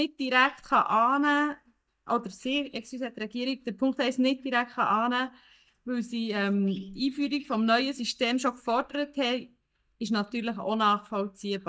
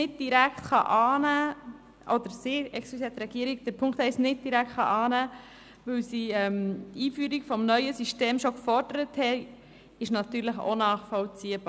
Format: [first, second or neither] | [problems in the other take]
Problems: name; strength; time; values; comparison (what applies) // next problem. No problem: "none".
second | noise reduction (neural mask model DeepFilterNet 3)